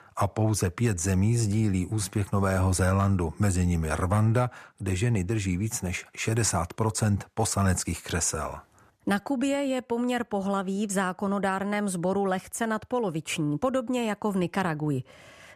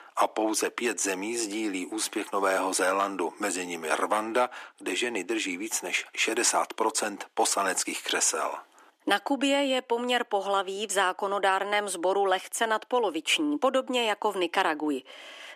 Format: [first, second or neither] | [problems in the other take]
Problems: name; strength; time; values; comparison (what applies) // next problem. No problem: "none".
first | thin; somewhat; fading below 300 Hz